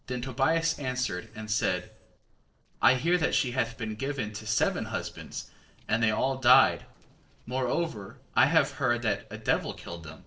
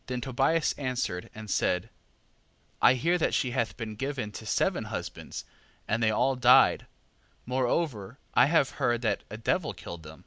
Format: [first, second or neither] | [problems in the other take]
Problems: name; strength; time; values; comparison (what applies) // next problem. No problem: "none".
second | noise reduction (neural separator model SepFormer DNS4)